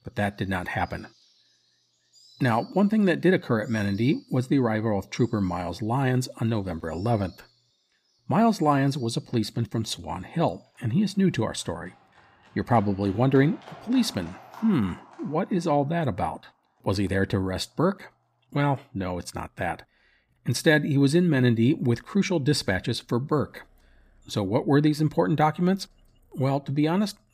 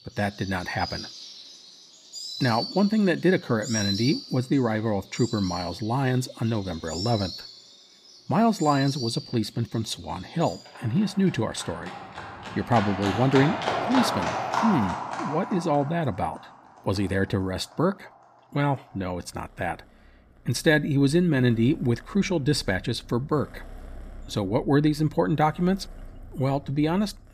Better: first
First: animal sounds; faint; throughout; 25 dB below the speech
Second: animal sounds; loud; throughout; 7 dB below the speech

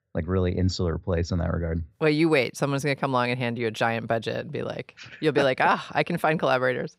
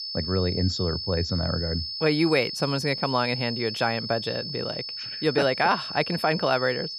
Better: first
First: none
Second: high-pitched whine; loud; throughout; 5 kHz, 5 dB below the speech

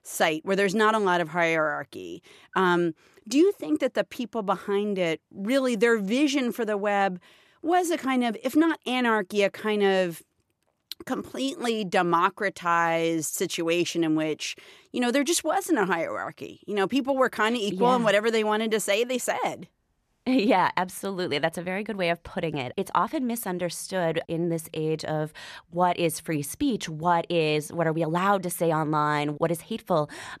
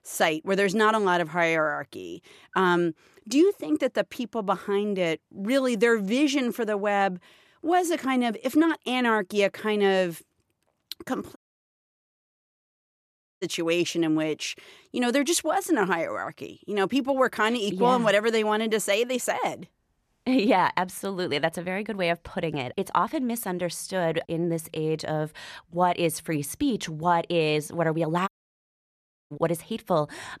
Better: first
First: none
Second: audio cutting out; at 11 s for 2 s and at 28 s for 1 s

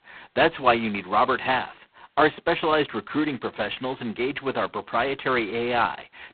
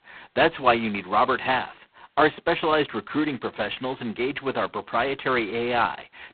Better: neither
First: phone-call audio; poor line; nothing above 4 kHz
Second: phone-call audio; poor line; nothing above 4 kHz

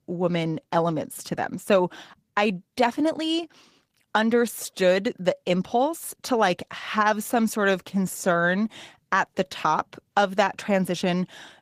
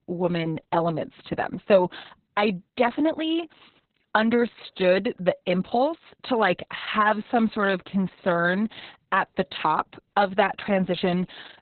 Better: first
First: garbled, watery; slightly; nothing above 15 kHz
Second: garbled, watery; badly; nothing above 4 kHz

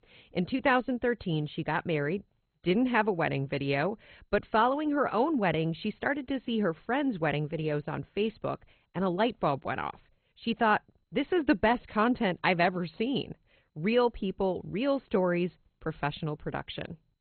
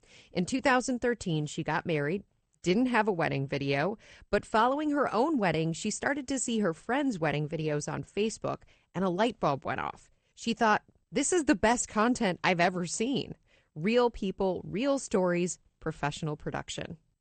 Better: second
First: garbled, watery; badly; nothing above 4 kHz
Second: garbled, watery; slightly; nothing above 8.5 kHz

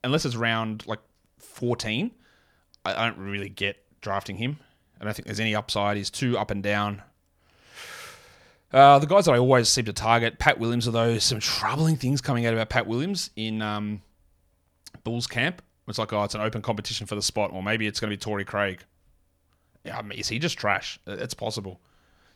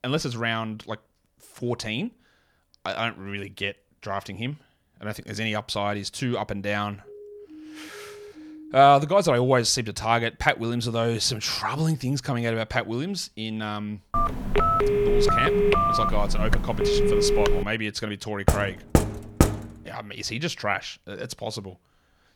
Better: first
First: none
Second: siren; faint; from 7 to 9 s; peak 15 dB below the speech // phone ringing; loud; from 14 to 18 s; peak 6 dB above the speech // door banging; loud; from 18 to 20 s; peak 3 dB above the speech

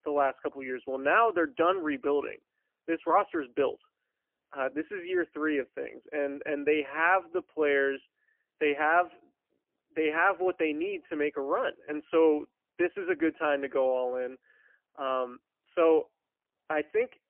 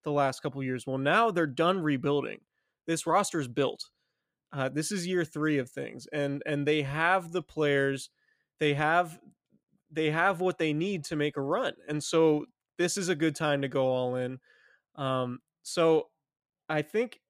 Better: second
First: phone-call audio; poor line; nothing above 3 kHz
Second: none

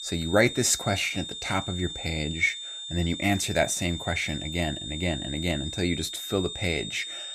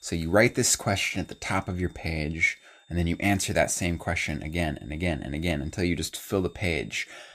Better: second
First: high-pitched whine; loud; throughout; 3.5 kHz, 7 dB below the speech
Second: high-pitched whine; faint; throughout; 3.5 kHz, 30 dB below the speech

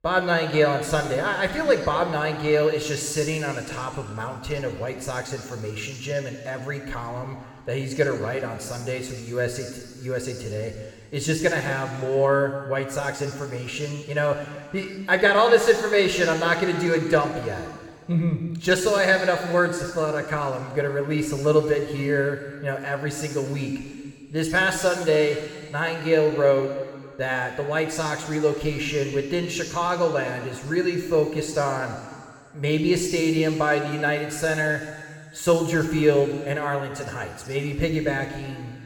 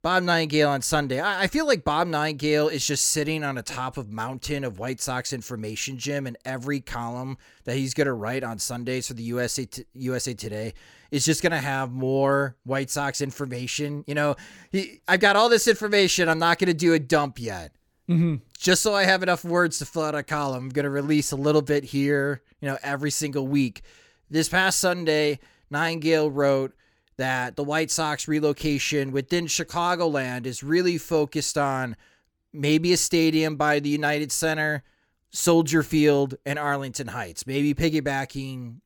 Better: second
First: room echo; noticeable; dies away in 2.2 s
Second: none

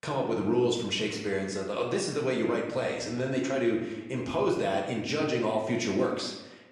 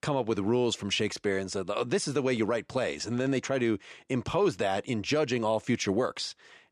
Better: second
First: room echo; noticeable; dies away in 0.8 s // off-mic speech; somewhat distant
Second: none

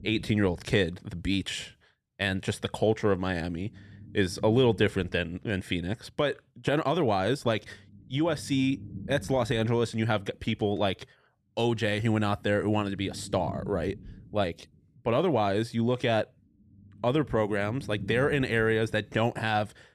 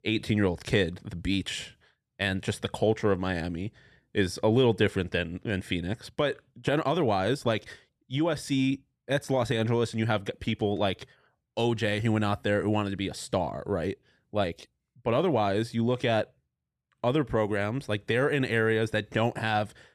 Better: second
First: low rumble; faint; throughout; 25 dB below the speech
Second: none

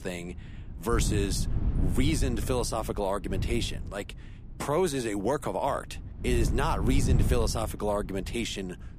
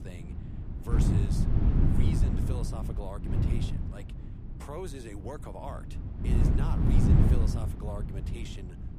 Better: first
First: wind noise on the microphone; occasional gusts; 15 dB below the speech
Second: wind noise on the microphone; heavy; 5 dB above the speech

